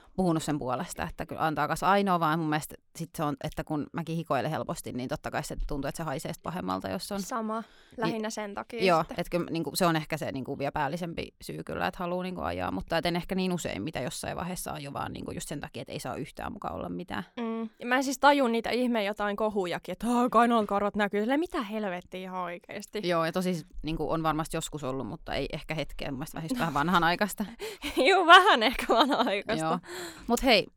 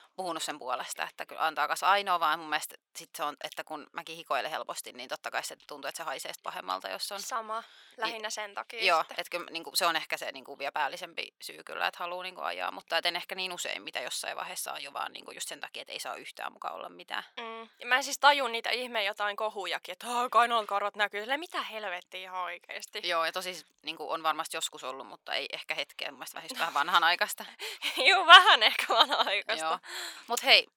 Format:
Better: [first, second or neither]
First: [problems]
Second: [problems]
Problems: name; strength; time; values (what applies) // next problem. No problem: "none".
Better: first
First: none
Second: thin; very; fading below 750 Hz